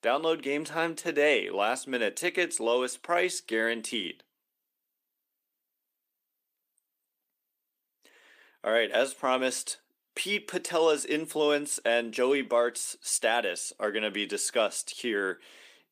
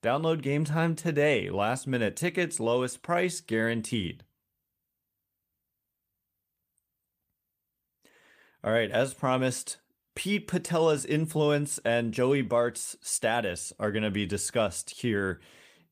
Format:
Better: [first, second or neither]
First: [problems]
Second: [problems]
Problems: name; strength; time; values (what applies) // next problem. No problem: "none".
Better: second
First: thin; somewhat; fading below 300 Hz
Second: none